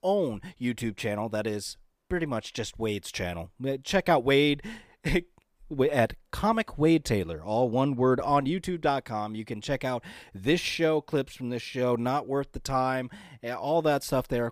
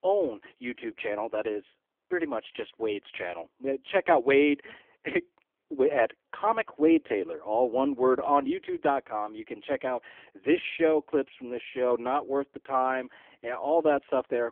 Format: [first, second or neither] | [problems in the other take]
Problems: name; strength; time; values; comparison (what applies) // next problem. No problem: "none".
first | phone-call audio; poor line; nothing above 3.5 kHz